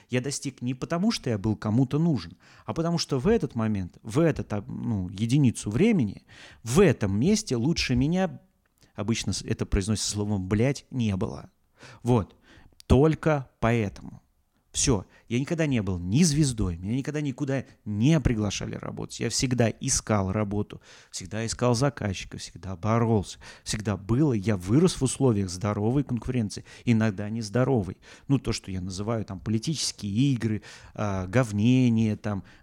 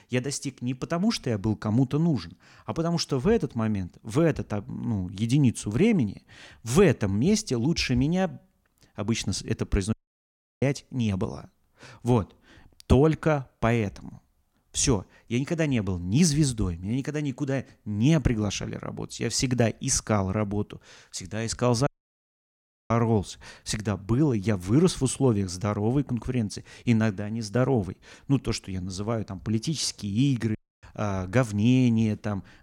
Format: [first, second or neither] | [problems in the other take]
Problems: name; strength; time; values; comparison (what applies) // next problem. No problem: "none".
first | audio cutting out; at 10 s for 0.5 s, at 22 s for 1 s and at 31 s